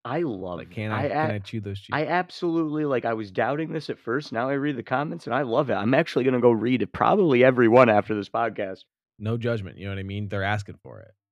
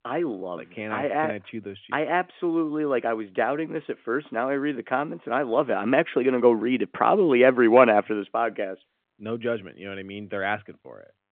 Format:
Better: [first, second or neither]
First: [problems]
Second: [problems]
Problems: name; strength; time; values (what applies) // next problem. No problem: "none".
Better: first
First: none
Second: phone-call audio